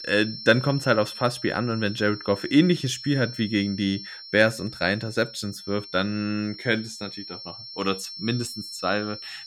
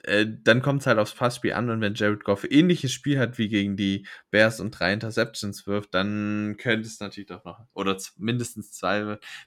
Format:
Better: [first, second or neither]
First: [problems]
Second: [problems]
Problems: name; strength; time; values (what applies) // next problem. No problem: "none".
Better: second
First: high-pitched whine; noticeable; throughout; 5.5 kHz, 10 dB below the speech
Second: none